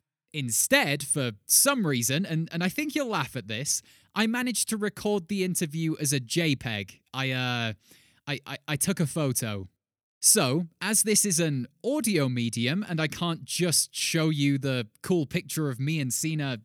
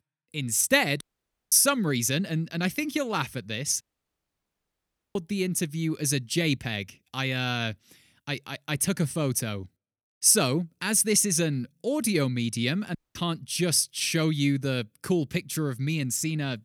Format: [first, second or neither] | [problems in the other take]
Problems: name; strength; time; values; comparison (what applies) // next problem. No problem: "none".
first | audio cutting out; at 1 s for 0.5 s, at 4 s for 1.5 s and at 13 s